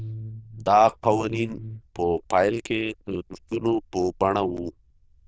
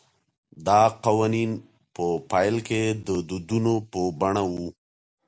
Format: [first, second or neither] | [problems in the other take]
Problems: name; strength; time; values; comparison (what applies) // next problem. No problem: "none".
second | noise reduction (neural diffusion model UNIVERSE++)